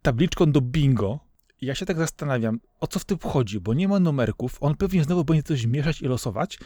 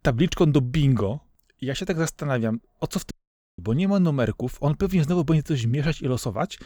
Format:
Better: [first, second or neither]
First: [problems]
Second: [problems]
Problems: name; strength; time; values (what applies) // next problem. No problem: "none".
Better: first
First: none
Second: audio cutting out; at 3 s